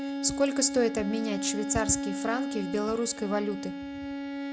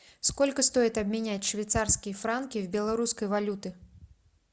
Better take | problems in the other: second | background sound (Bowed string instrument); 4 dB below the speech

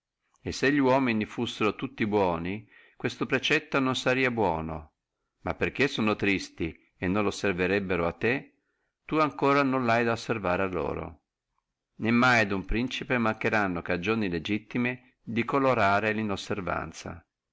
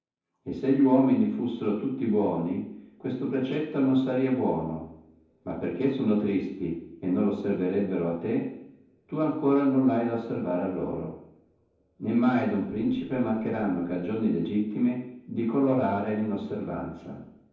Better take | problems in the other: first | room echo; dies away in 0.9 s

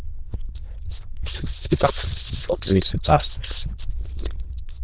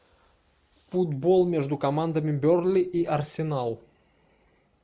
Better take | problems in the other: second | noise reduction (neural diffusion model UNIVERSE++)

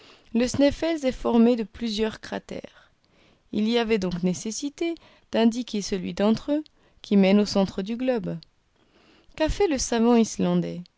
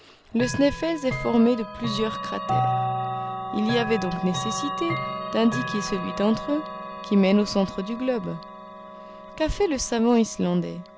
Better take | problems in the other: first | background sound (Chime / Clock); 6 dB below the speech

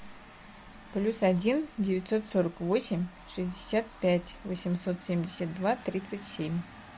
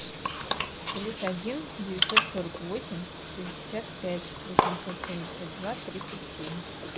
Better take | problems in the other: first | background sound (Bathtub (filling or washing) / Water); 4 dB above the speech

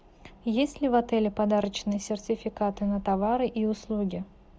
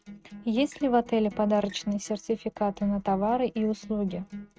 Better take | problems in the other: first | noise reduction (neural mask model RNNoise)

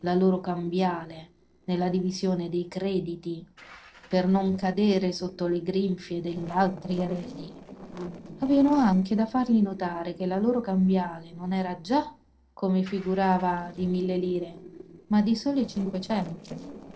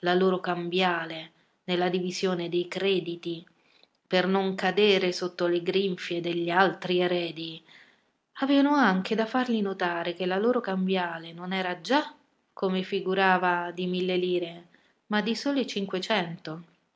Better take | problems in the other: second | noise reduction (neural separator model SepFormer DNS4)

